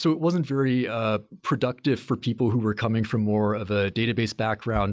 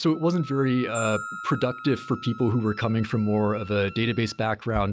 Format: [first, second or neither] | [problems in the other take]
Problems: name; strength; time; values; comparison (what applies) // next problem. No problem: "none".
first | background sound (Glockenspiel + Wind instrument, woodwind instrument); 15 dB below the speech